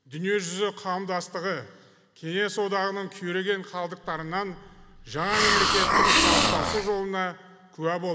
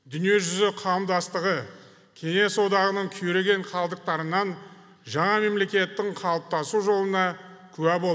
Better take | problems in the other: second | background sound (Hiss); 5 dB above the speech

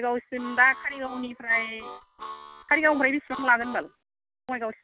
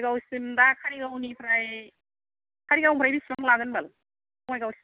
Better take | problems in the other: second | background sound (Harmonica); 14 dB below the speech

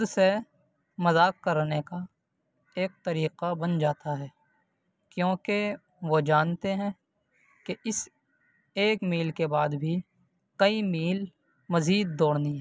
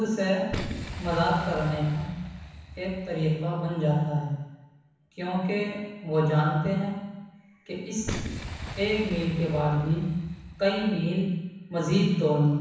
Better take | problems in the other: first | background sound (Boom); 13 dB below the speech // room echo; dies away in 1.1 s

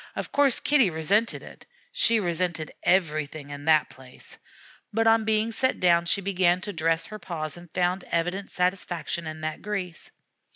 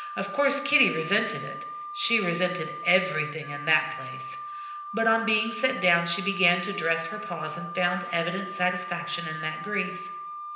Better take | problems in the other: first | background sound (Wind instrument, woodwind instrument); 9 dB below the speech // room echo; dies away in 0.9 s

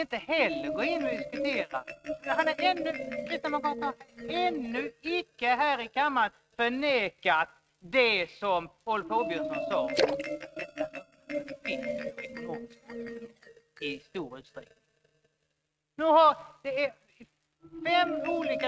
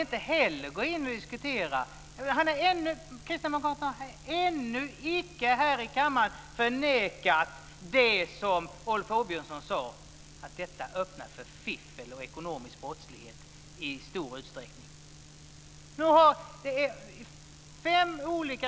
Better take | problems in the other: second | noise reduction (neural mask model RNNoise)

